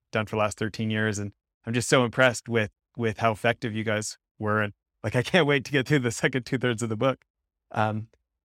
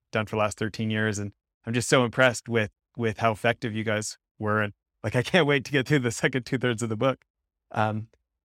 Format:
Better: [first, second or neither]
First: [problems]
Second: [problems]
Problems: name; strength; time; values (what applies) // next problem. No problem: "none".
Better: neither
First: none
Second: none